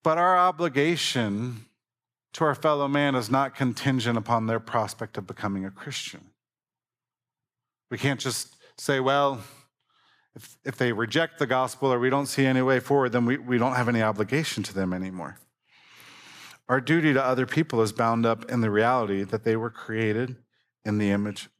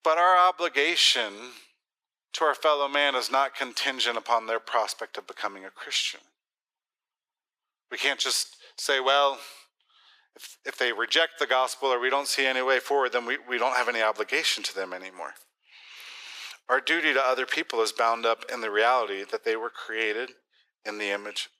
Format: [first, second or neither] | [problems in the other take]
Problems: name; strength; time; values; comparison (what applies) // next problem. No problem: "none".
first | thin; very; fading below 400 Hz